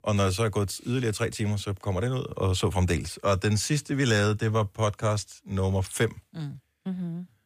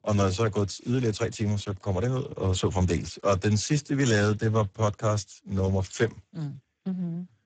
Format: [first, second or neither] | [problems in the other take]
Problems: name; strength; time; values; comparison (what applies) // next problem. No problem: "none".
first | garbled, watery; badly; nothing above 7.5 kHz